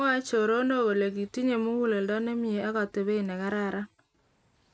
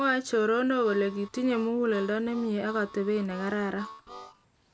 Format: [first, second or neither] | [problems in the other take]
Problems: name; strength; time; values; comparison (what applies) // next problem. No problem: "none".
first | background sound (Harmonica); 18 dB below the speech